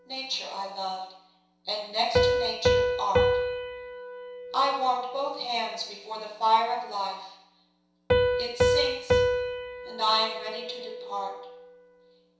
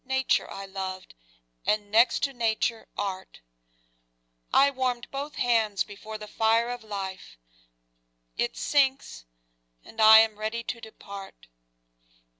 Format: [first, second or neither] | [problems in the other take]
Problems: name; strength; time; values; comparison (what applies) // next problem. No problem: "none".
second | background sound (Piano); 2 dB above the speech // room echo; dies away in 0.7 s